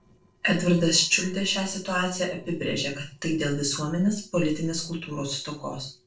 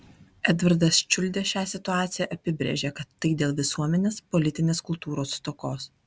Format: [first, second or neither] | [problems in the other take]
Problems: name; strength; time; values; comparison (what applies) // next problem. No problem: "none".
second | noise reduction (neural separator model SepFormer DNS4)